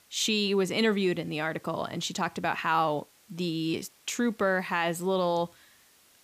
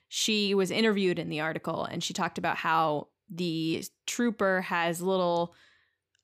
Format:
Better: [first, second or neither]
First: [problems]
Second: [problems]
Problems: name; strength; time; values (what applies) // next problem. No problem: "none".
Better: second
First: hiss; faint; throughout; 30 dB below the speech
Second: none